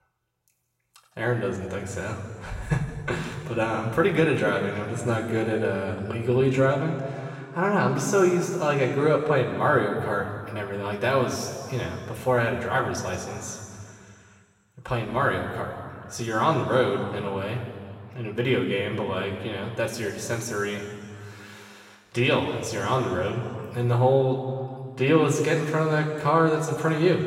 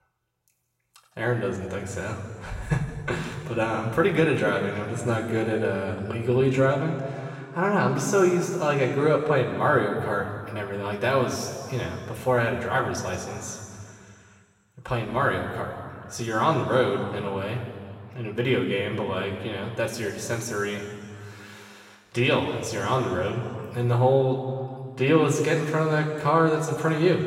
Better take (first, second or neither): neither